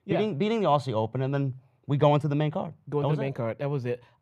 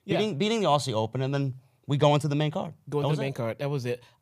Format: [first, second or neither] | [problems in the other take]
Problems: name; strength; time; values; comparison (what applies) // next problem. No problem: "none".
second | muffled; slightly; fading above 3.5 kHz